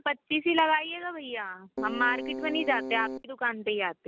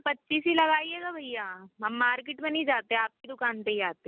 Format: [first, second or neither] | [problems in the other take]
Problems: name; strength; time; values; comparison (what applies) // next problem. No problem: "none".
second | background sound (Keyboard (musical)); 6 dB below the speech